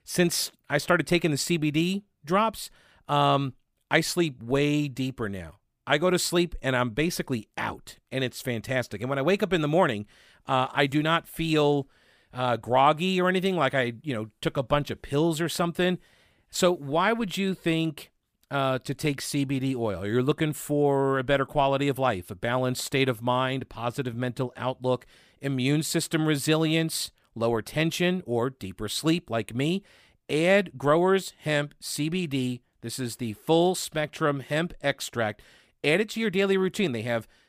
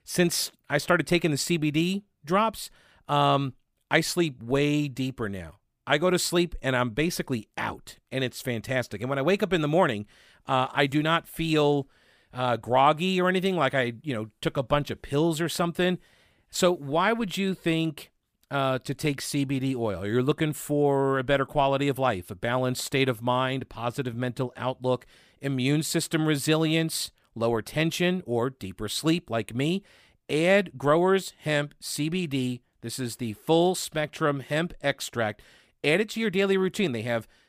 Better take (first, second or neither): neither